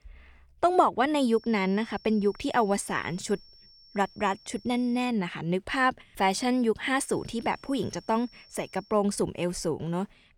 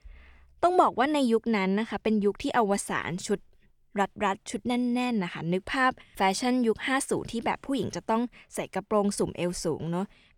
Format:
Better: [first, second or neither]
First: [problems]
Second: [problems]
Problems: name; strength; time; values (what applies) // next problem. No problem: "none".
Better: second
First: high-pitched whine; faint; from 1.5 to 5 s and from 7 to 9 s; 5.5 kHz, 25 dB below the speech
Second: none